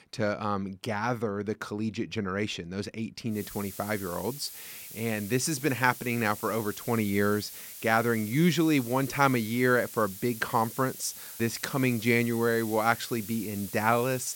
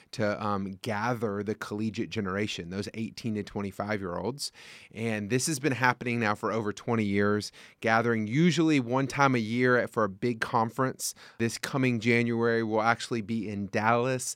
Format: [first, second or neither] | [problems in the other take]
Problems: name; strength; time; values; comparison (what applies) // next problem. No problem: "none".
second | hiss; noticeable; from 3.5 s on; 10 dB below the speech